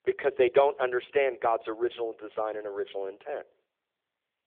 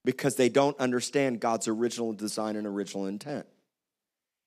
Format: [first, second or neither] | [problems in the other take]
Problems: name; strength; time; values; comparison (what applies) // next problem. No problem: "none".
second | phone-call audio; nothing above 3.5 kHz